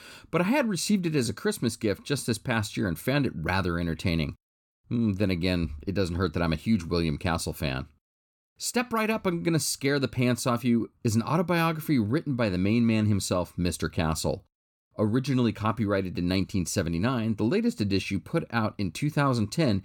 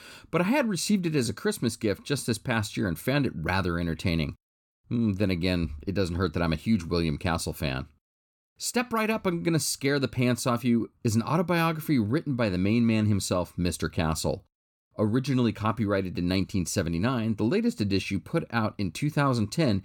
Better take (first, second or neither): neither